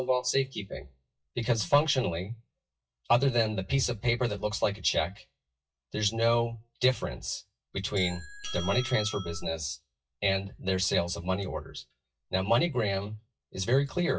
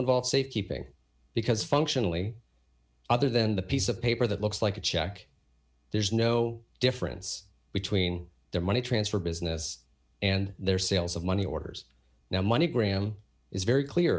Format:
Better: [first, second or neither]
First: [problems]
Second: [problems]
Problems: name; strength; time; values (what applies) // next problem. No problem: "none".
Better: second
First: noise reduction (classical method WPE with log-MMSE)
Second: none